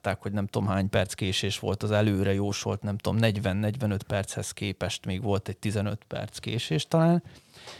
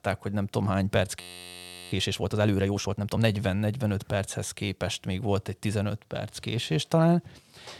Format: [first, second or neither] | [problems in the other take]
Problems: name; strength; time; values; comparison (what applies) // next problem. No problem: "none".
first | audio freezing; at 1 s for 0.5 s